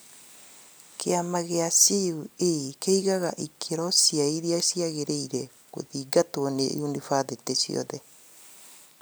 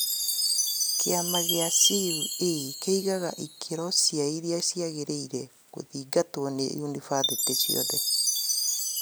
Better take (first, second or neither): first